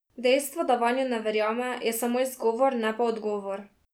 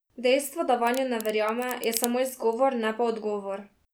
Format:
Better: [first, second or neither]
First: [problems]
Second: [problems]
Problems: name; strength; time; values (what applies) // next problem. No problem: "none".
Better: first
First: none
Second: background sound (Crack); 13 dB below the speech